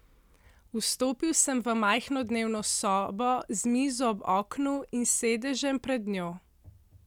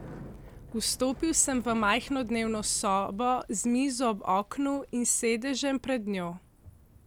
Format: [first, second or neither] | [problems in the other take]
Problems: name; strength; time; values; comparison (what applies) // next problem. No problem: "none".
first | background sound (Bicycle); 20 dB below the speech